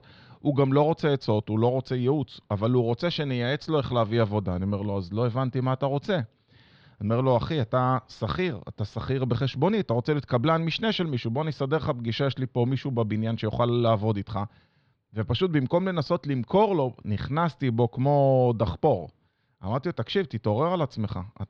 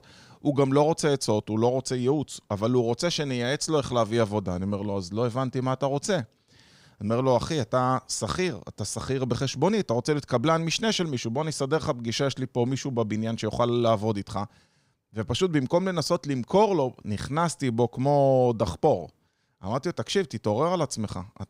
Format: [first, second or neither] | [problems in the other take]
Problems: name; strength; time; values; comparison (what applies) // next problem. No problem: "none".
second | muffled; slightly; fading above 4 kHz